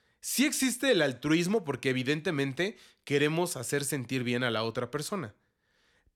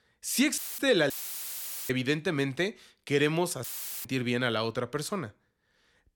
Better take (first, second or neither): first